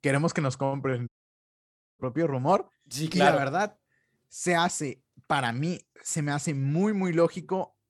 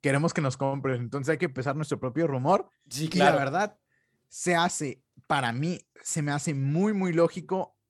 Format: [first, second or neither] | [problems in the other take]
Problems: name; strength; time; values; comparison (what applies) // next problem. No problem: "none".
second | audio cutting out; at 1 s for 1 s